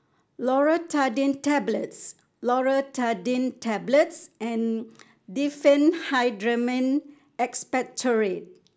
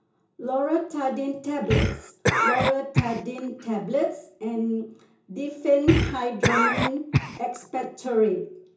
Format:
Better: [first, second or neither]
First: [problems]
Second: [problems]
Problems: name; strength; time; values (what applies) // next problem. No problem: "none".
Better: first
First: none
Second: background sound (Cough); as loud as the speech // room echo; dies away in 0.6 s